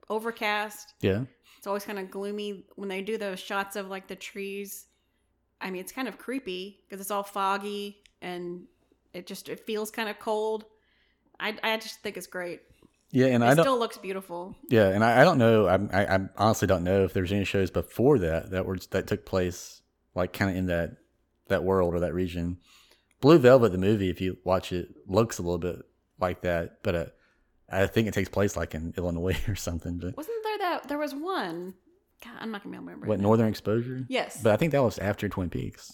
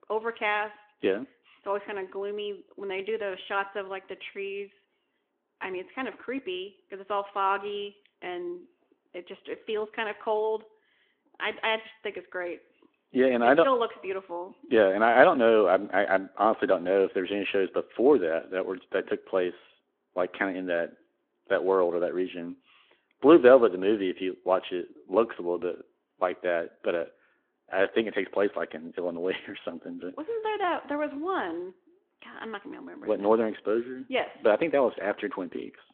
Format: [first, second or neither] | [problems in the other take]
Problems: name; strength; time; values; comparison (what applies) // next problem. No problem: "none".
first | phone-call audio